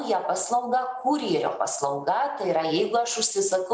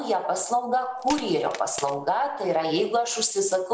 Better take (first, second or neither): first